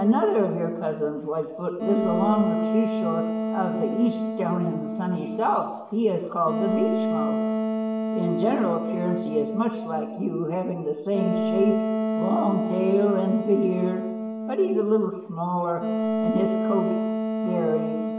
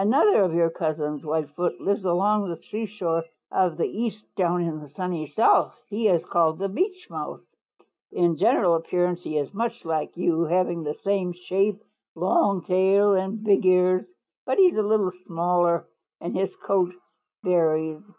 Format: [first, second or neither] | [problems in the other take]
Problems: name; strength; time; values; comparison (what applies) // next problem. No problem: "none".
second | background sound (Wind instrument, woodwind instrument); 2 dB below the speech // room echo; dies away in 0.8 s